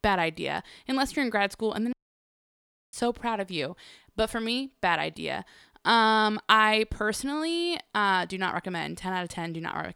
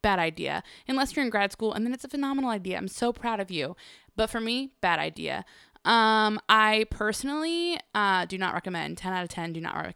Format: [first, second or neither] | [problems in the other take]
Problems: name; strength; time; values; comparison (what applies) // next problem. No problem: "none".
second | audio cutting out; at 2 s for 1 s